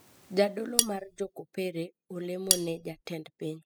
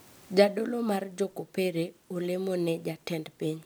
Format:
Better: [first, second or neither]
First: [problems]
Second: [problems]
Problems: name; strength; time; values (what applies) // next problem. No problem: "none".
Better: second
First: noise reduction (classical method spectral subtraction)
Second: none